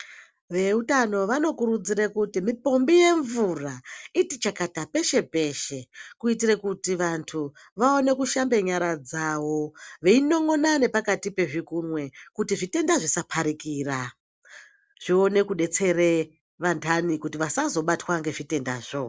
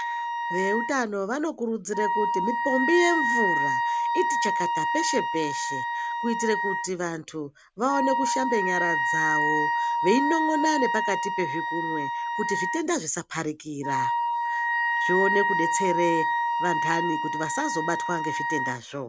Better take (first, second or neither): first